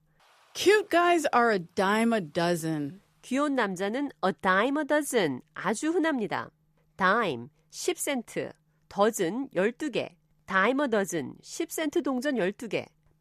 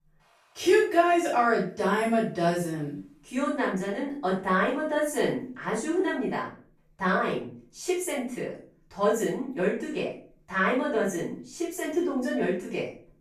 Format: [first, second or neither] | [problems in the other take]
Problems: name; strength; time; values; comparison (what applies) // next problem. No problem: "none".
first | off-mic speech; far // room echo; noticeable; dies away in 0.4 s